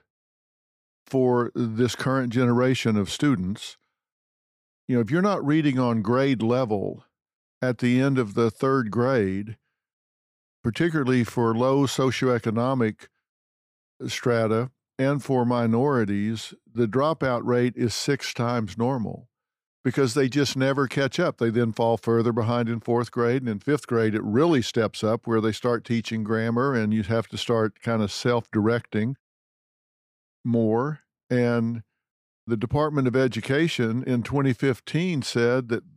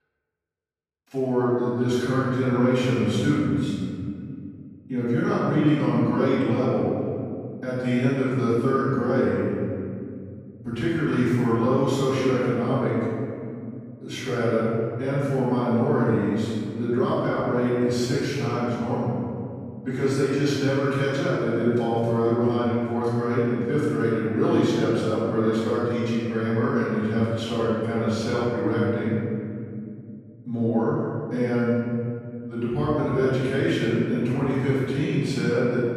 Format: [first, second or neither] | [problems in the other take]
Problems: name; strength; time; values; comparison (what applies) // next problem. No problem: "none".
first | off-mic speech; far // room echo; strong; dies away in 2.6 s